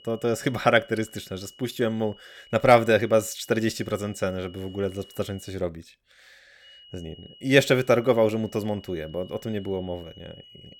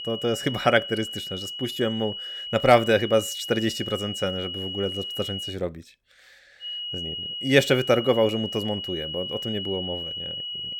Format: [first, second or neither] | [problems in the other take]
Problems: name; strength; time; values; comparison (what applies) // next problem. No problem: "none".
first | high-pitched whine; loud; until 5.5 s and from 6.5 s on; 3 kHz, 6 dB below the speech; faint in the first